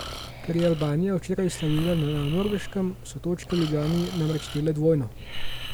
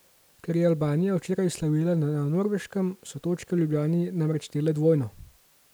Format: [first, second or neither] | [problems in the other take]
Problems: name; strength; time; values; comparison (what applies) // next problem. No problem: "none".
second | background sound (Breathing); 9 dB below the speech